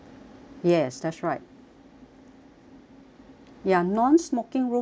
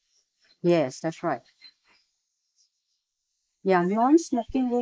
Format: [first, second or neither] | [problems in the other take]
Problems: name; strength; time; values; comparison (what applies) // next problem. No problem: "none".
first | noise reduction (neural mask model Resemble Enhance denoiser)